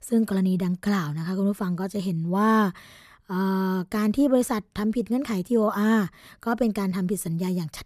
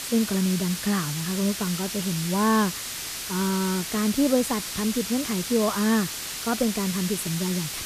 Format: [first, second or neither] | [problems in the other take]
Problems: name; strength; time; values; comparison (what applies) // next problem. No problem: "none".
first | hiss; loud; throughout; 5 dB below the speech